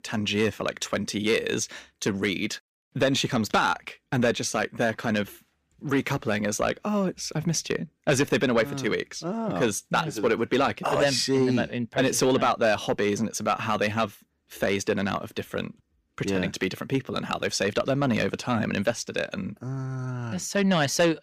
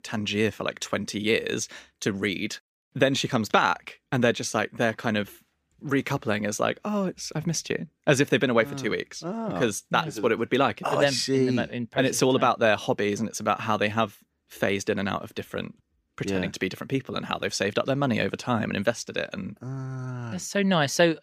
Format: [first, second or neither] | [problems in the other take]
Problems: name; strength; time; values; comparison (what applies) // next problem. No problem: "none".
second | distortion; slight; 10 dB below the speech